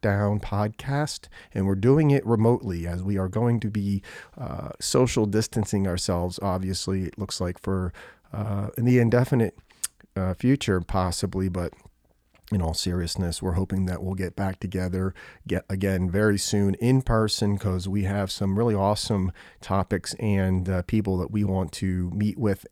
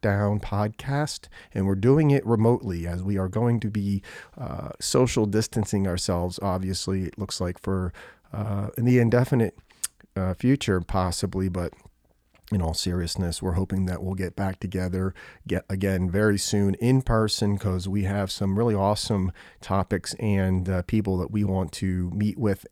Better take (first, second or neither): neither